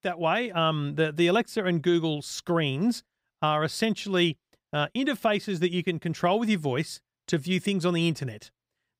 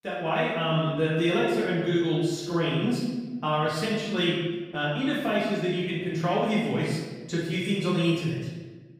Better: first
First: none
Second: room echo; strong; dies away in 1.1 s // off-mic speech; far

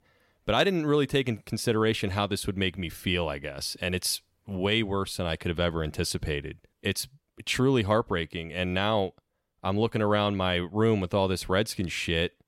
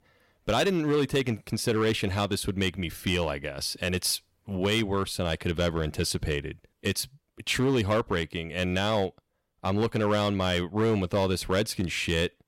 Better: first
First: none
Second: distortion; slight; 6% of the sound clipped

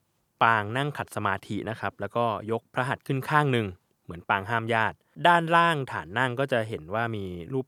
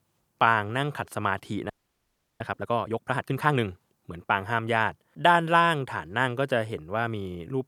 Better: first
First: none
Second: audio freezing; at 1.5 s for 0.5 s

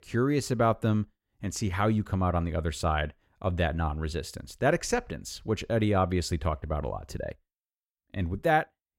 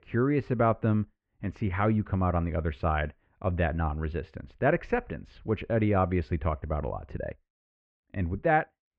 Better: first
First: none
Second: muffled; very; fading above 2.5 kHz

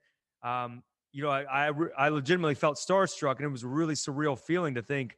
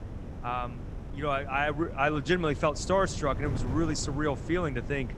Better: first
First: none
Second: wind noise on the microphone; occasional gusts; 15 dB below the speech

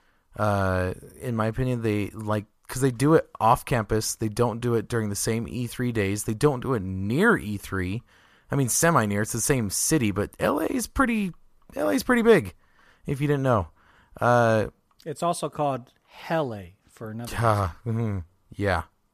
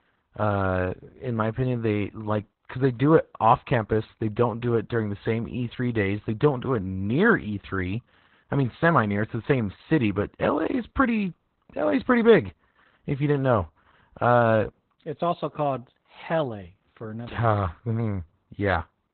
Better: first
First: none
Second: garbled, watery; badly; nothing above 4 kHz

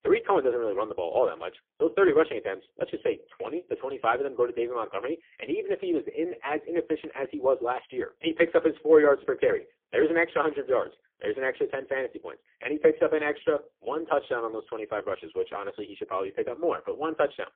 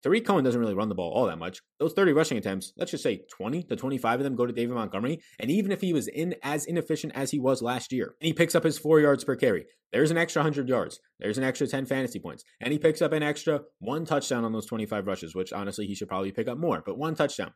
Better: second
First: phone-call audio; poor line; nothing above 3 kHz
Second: none

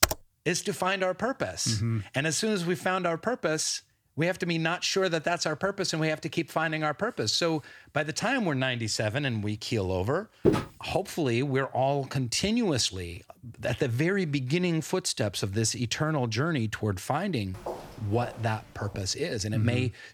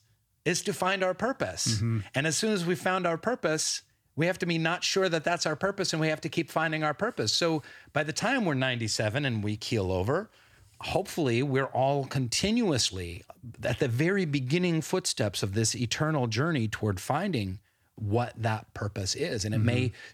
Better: second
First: keyboard typing; loud; at the start; peak 3 dB above the speech // footsteps; loud; at 10 s; peak 2 dB above the speech // footsteps; faint; from 18 to 19 s; peak 10 dB below the speech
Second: none

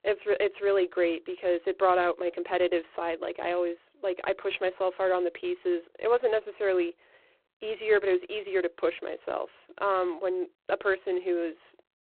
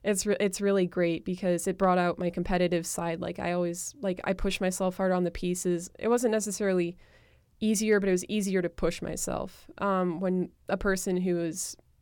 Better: second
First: phone-call audio; poor line; nothing above 4 kHz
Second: none

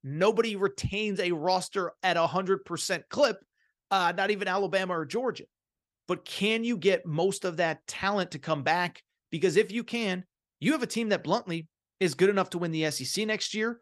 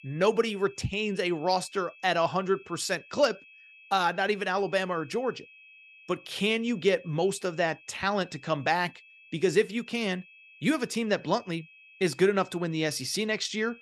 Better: first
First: none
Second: high-pitched whine; faint; throughout; 2.5 kHz, 25 dB below the speech

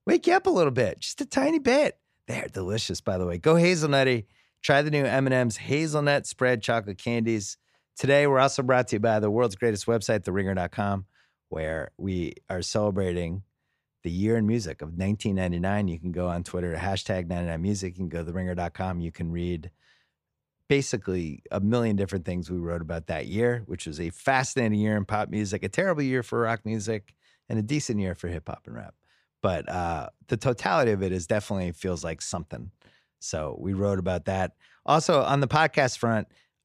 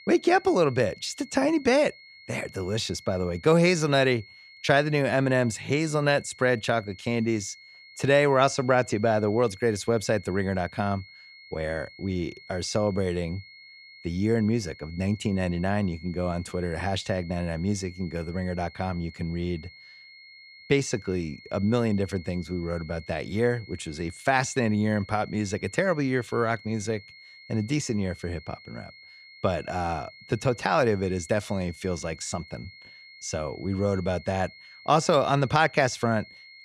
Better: first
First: none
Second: high-pitched whine; faint; throughout; 2 kHz, 20 dB below the speech

